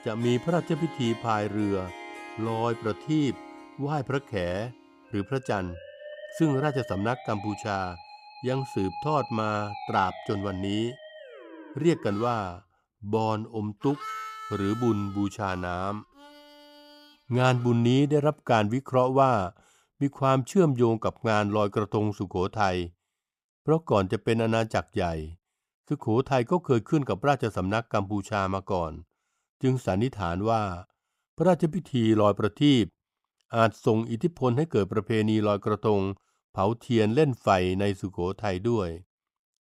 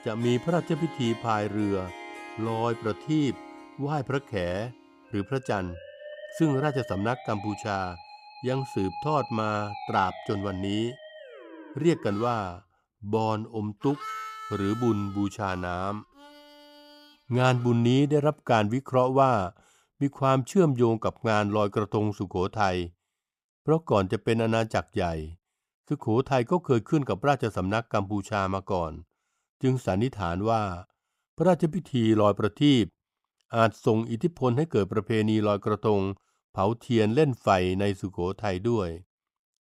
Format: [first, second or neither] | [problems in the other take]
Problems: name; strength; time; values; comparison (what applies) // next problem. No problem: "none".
neither | background music; noticeable; until 18 s; 15 dB below the speech; the same in both